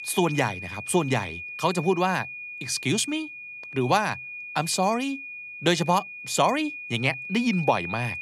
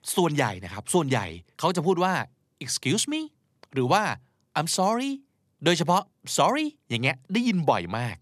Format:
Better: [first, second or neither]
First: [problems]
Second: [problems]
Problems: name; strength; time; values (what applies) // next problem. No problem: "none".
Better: second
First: high-pitched whine; loud; throughout; 2.5 kHz, 10 dB below the speech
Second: none